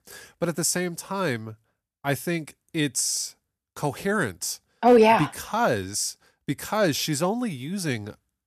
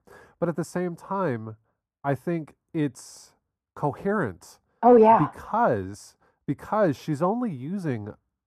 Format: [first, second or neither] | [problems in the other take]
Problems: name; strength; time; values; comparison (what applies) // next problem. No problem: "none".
first | muffled; very; fading above 2 kHz